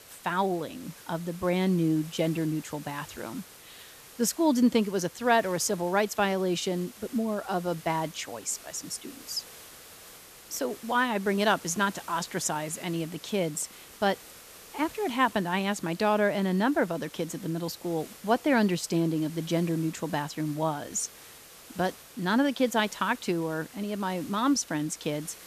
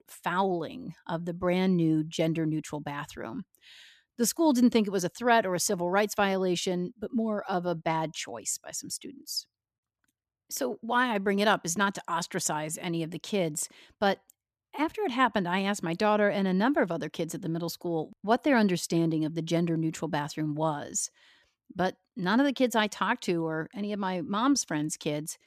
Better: second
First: hiss; noticeable; throughout; 20 dB below the speech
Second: none

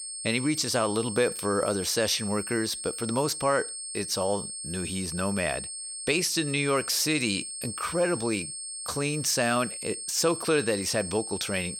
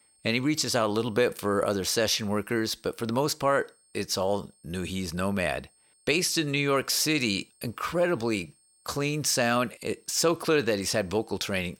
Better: second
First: high-pitched whine; loud; throughout; 8.5 kHz, 6 dB below the speech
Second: high-pitched whine; faint; throughout; 8.5 kHz, 35 dB below the speech

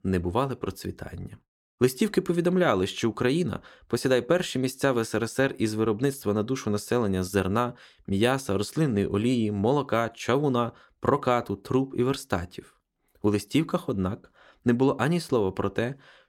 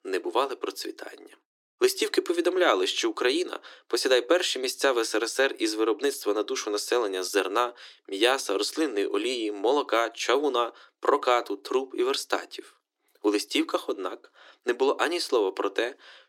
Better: first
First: none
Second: thin; very; fading below 300 Hz

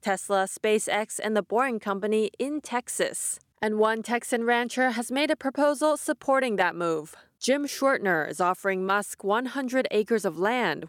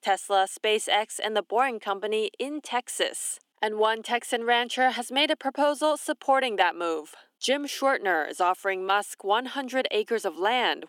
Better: first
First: none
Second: thin; very slightly; fading below 250 Hz

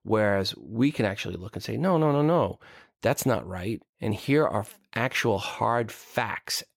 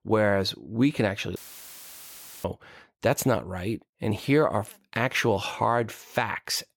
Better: first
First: none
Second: audio cutting out; filled with static; at 1.5 s for 1 s

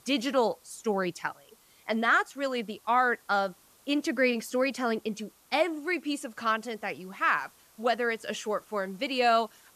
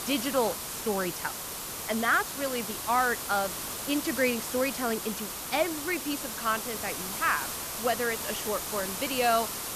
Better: first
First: hiss; faint; throughout; 30 dB below the speech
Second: hiss; loud; throughout; 4 dB below the speech

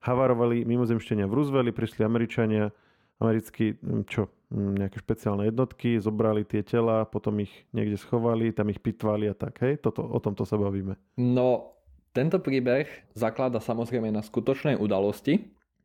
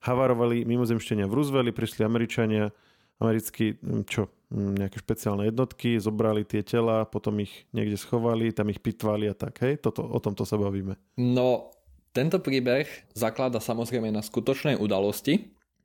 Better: second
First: muffled; slightly; fading above 3 kHz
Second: none

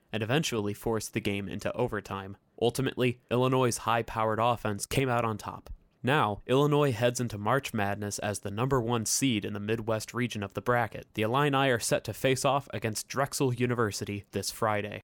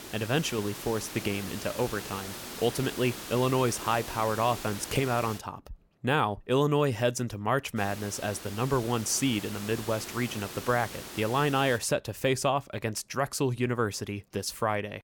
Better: first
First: none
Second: hiss; noticeable; until 5.5 s and from 8 to 12 s; 10 dB below the speech

